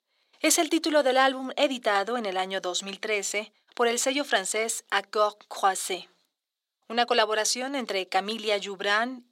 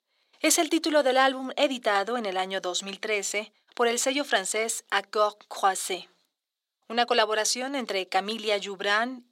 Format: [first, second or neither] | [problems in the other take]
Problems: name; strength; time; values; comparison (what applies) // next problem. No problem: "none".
neither | thin; somewhat; fading below 350 Hz; the same in both